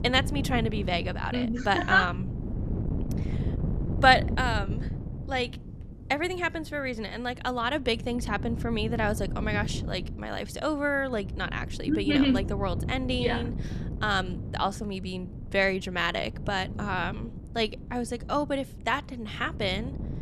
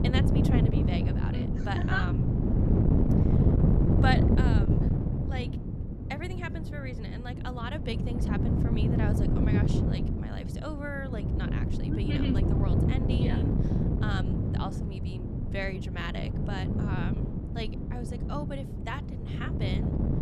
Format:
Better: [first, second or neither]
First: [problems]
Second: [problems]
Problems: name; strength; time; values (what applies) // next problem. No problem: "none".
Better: first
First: wind noise on the microphone; occasional gusts; 15 dB below the speech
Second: wind noise on the microphone; heavy; as loud as the speech